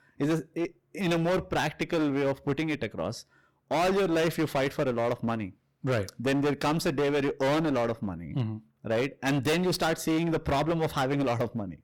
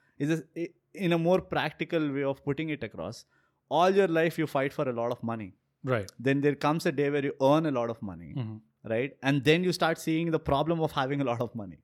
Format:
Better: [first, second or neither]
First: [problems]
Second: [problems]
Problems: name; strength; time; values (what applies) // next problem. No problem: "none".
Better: second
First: distortion; heavy; 21% of the sound clipped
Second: none